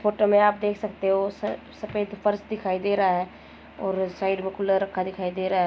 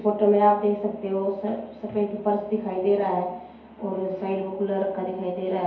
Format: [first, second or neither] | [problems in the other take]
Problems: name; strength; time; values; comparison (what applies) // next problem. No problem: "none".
first | room echo; dies away in 2.2 s